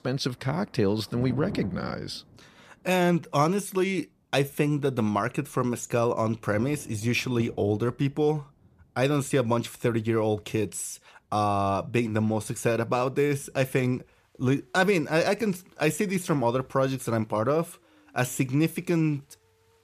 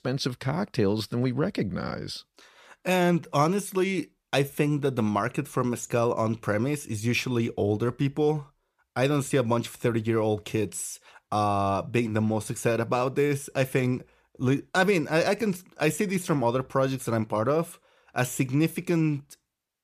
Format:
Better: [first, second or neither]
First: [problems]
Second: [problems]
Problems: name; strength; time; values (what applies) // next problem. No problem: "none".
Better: second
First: rain or running water; noticeable; throughout; 15 dB below the speech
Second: none